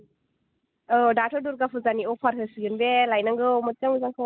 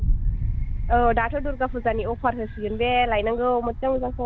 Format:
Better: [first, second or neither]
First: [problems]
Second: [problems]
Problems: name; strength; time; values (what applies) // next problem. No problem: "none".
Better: first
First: none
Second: background sound (Wind); 2 dB below the speech